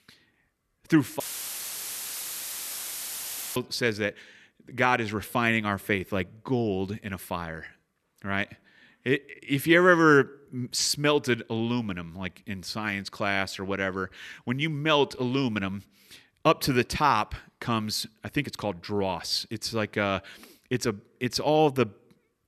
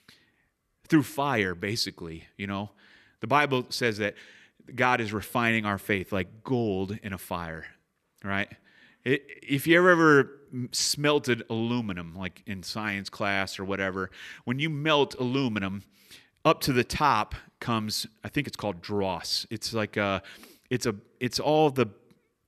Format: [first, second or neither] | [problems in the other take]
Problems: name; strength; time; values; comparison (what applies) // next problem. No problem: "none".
second | audio cutting out; filled with static; at 1 s for 2.5 s